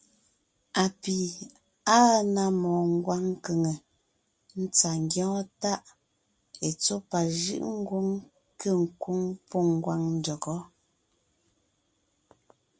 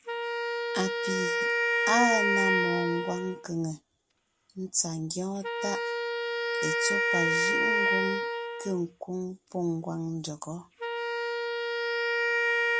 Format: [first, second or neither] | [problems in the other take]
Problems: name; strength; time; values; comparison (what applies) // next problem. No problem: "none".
first | background sound (Wind instrument, woodwind instrument); 4 dB above the speech